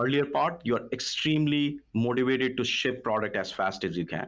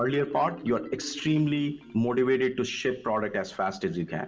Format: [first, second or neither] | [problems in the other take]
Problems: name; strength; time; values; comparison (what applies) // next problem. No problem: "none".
first | background sound (Marimba, xylophone); 18 dB below the speech // room echo; dies away in 1 s